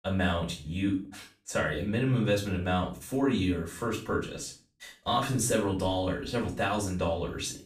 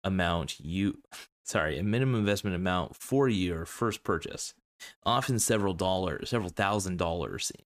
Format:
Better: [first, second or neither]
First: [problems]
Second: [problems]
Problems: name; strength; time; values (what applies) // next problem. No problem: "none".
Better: second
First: off-mic speech; far // room echo; slight; dies away in 0.3 s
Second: none